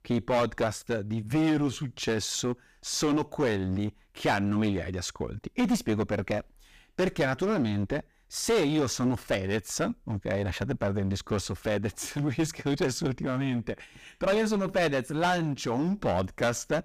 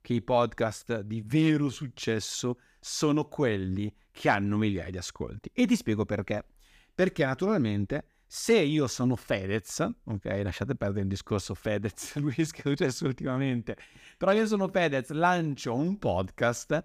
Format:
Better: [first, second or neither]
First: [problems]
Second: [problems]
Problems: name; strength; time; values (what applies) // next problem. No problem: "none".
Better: second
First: distortion; heavy; 11% of the sound clipped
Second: none